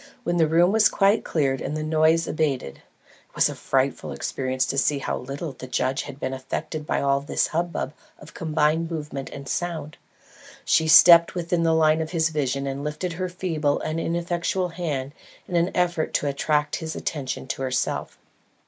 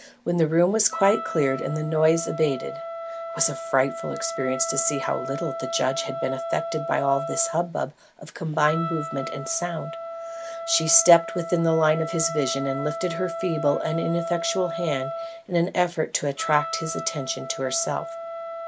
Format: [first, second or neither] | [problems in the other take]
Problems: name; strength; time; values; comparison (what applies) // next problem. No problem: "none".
first | background sound (Wind instrument, woodwind instrument); 8 dB below the speech